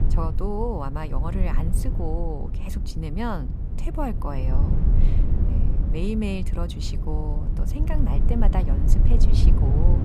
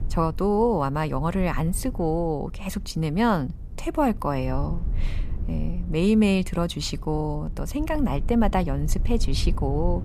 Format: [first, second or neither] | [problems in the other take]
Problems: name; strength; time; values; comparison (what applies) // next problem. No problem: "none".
second | low rumble; loud; throughout; 6 dB below the speech; faint in the second